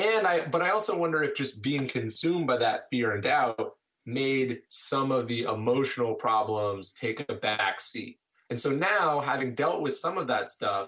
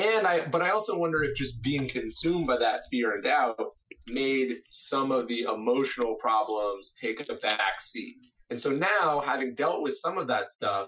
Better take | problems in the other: first | noise reduction (classical method Wiener filter)

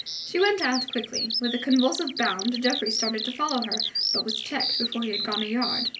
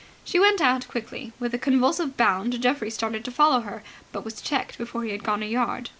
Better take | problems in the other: second | background sound (Bird vocalization, bird call, bird song); 3 dB below the speech // room echo; dies away in 0.3 s

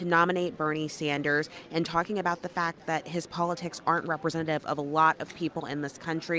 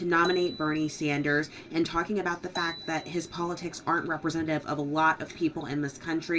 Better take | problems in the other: first | background sound (Marimba, xylophone); 17 dB below the speech // room echo; dies away in 0.2 s

